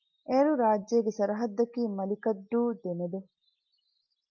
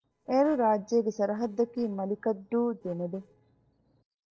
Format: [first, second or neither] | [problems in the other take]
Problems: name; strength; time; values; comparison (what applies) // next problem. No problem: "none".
first | noise reduction (neural separator model SepFormer DNS4)